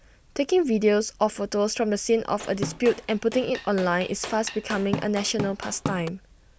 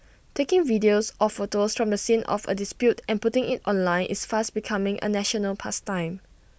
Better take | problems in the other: second | background sound (Drum / Drum kit); 10 dB below the speech

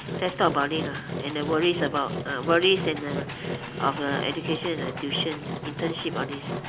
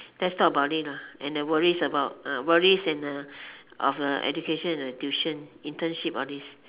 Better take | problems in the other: second | background sound (Engine); 5 dB below the speech

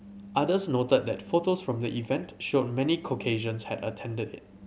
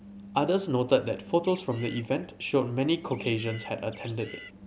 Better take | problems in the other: first | background sound (Bird); 18 dB below the speech

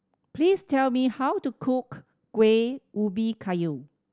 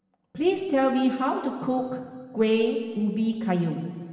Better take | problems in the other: first | room echo; dies away in 1.6 s

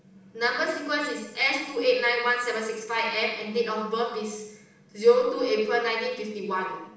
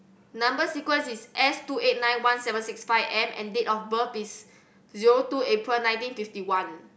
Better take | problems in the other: second | room echo; dies away in 0.7 s

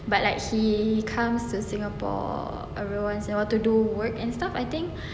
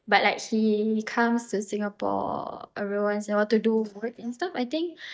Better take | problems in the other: first | noise reduction (neural mask model DeepFilterNet 3)

